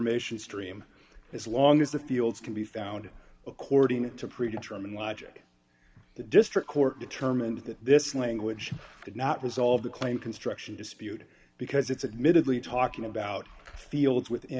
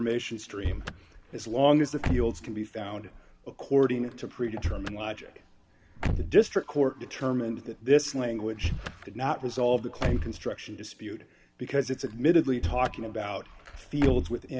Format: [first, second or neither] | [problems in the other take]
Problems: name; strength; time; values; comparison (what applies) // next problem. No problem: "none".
first | background sound (Slam / Car); 7 dB below the speech